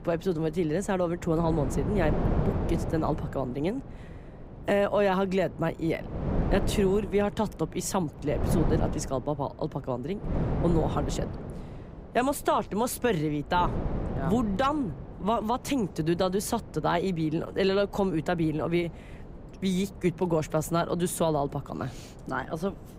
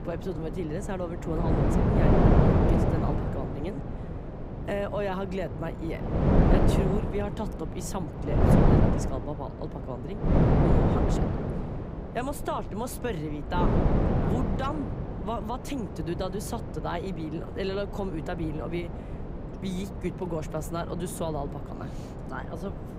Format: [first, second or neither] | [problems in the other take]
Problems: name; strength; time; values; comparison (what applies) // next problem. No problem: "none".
first | wind noise on the microphone; heavy; 2 dB above the speech; occasional gusts in the first